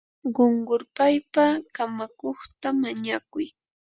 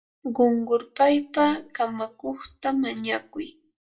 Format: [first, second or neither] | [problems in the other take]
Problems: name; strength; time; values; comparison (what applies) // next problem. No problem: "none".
first | room echo; dies away in 0.2 s